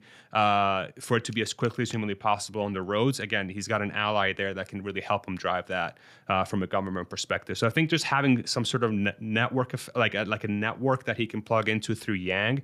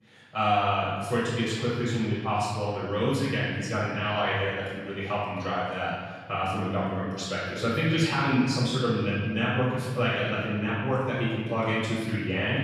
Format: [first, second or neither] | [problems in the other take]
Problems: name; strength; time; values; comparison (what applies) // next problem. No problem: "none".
first | off-mic speech; far // room echo; strong; dies away in 1.8 s